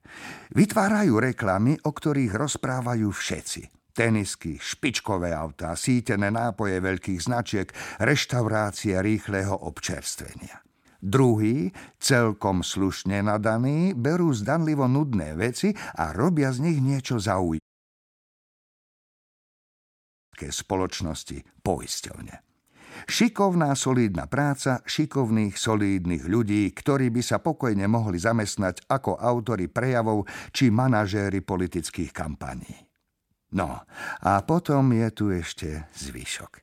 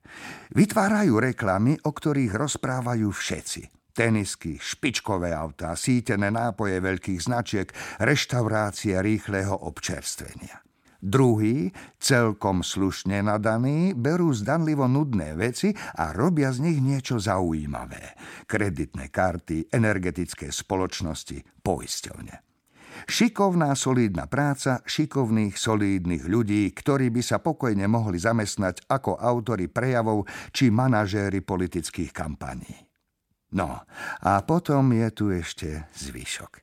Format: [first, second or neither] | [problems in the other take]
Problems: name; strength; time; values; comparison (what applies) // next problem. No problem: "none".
second | audio cutting out; at 18 s for 2.5 s